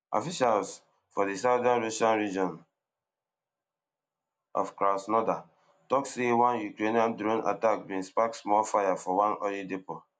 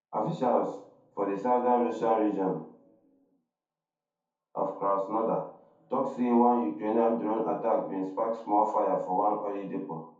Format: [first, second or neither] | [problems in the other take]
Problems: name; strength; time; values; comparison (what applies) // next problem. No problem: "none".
first | room echo; dies away in 0.6 s